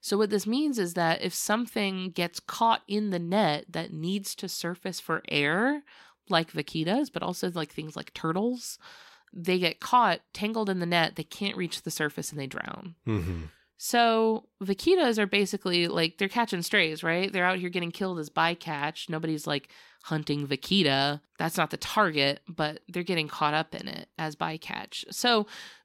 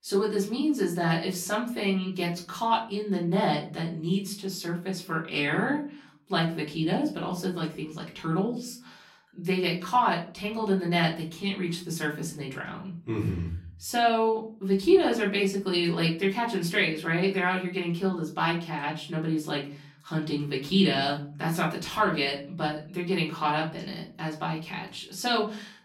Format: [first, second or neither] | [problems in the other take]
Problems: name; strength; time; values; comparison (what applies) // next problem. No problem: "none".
first | off-mic speech; far // room echo; slight; dies away in 0.5 s